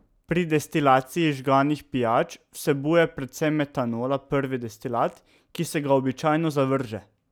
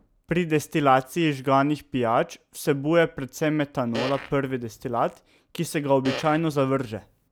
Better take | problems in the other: first | background sound (Fart); 12 dB below the speech

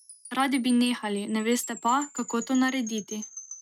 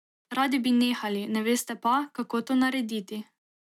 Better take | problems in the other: second | noise reduction (neural mask model RNNoise)

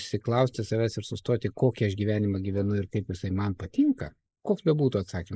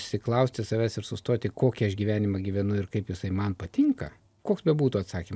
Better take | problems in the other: second | noise reduction (neural mask model Resemble Enhance denoiser)

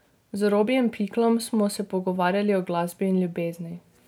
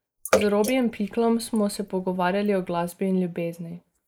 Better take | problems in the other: first | noise reduction (neural mask model Resemble Enhance denoiser)

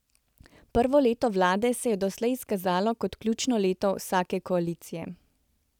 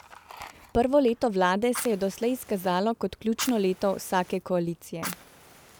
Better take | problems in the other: first | background sound (Fire); 17 dB below the speech

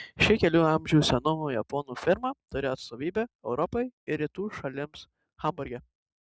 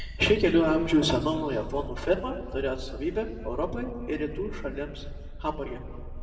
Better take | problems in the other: first | background sound (Purr); 10 dB below the speech // room echo; dies away in 1.5 s

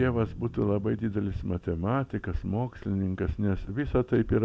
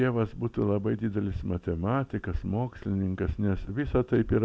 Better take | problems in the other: second | background sound (Bowed string instrument); 18 dB below the speech

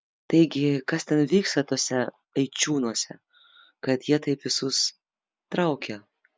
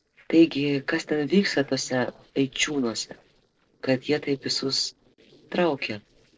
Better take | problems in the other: first | noise reduction (neural separator model SepFormer DNS4)

